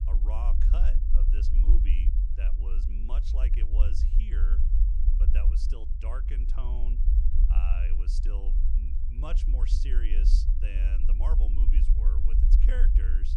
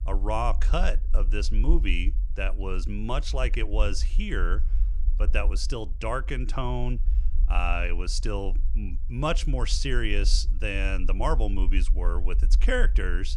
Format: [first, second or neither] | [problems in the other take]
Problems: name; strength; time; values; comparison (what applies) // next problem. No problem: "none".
second | low rumble; loud; throughout; 3 dB below the speech; faint in the second